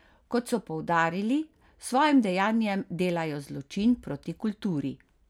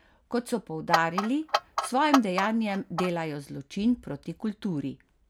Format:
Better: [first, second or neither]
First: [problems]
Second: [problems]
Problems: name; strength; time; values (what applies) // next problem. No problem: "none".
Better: first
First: none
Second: background sound (Clock); 2 dB below the speech